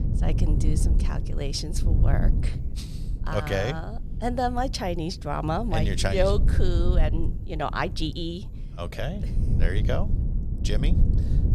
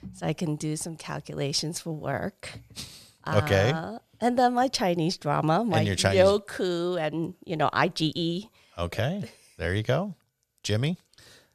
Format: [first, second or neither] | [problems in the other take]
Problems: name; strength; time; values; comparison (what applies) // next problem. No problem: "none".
second | low rumble; noticeable; throughout; 10 dB below the speech